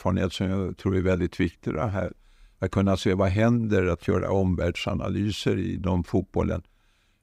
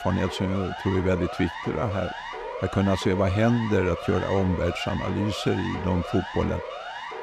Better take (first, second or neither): first